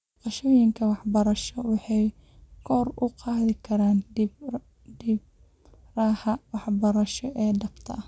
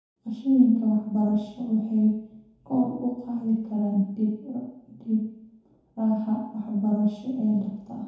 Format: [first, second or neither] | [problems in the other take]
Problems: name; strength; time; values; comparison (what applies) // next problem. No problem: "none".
first | room echo; dies away in 0.8 s